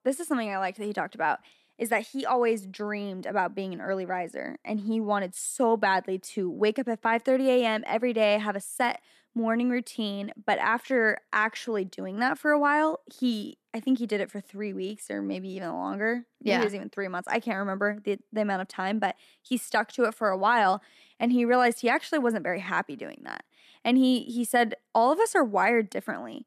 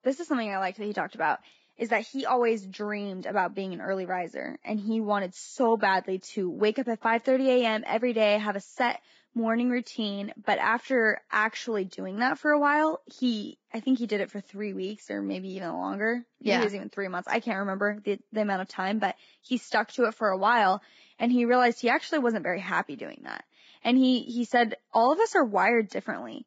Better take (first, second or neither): first